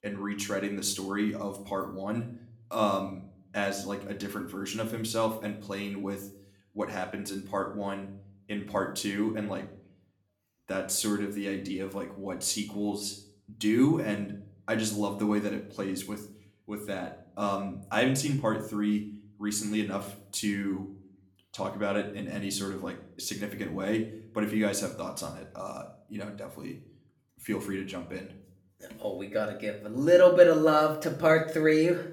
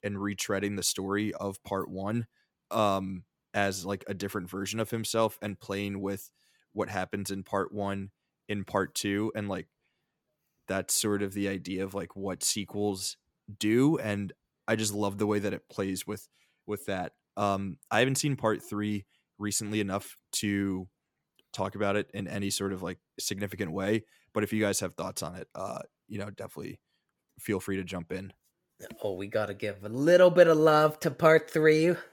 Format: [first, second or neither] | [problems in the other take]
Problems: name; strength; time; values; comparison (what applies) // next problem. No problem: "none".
second | room echo; slight; dies away in 0.5 s // off-mic speech; somewhat distant